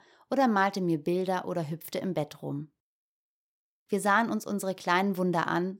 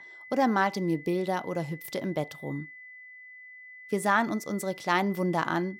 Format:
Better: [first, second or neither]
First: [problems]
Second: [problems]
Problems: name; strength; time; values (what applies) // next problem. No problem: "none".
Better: first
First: none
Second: high-pitched whine; noticeable; throughout; 2 kHz, 15 dB below the speech